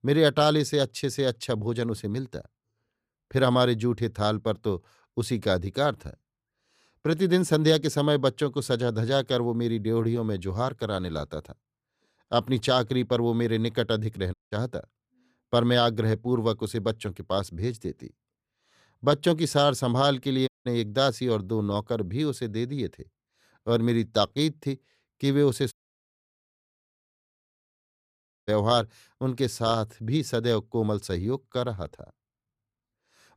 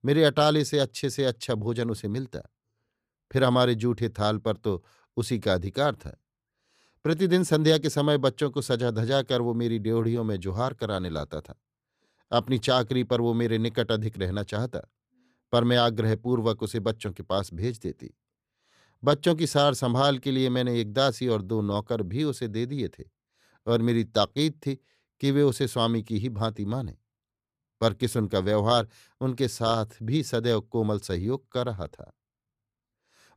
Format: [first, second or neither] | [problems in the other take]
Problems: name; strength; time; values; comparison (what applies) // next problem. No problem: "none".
second | audio cutting out; at 14 s, at 20 s and at 26 s for 3 s